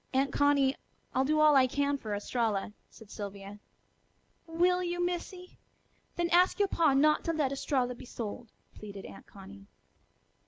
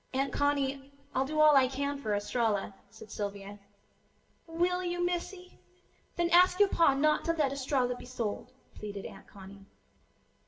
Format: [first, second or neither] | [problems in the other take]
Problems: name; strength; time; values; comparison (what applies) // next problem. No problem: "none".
first | room echo; dies away in 0.7 s